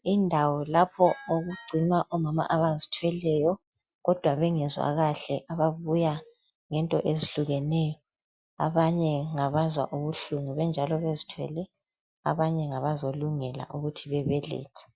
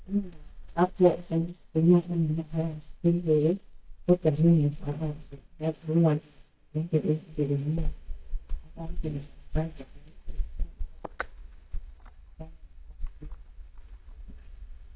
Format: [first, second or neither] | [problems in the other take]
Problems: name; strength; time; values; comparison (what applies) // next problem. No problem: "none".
first | noise reduction (neural mask model DeepFilterNet 3)